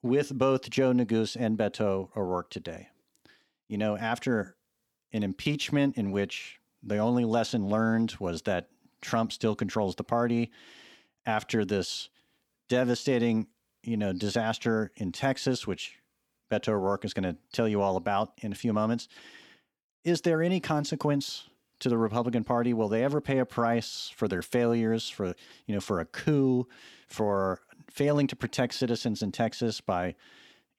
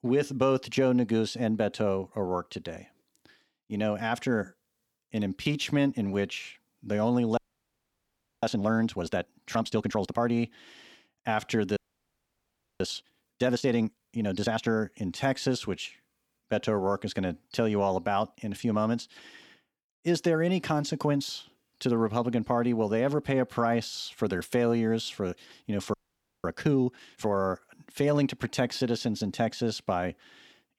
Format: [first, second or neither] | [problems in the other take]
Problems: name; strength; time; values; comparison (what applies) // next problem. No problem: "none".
first | audio freezing; at 7.5 s for 1 s, at 12 s for 1 s and at 26 s for 0.5 s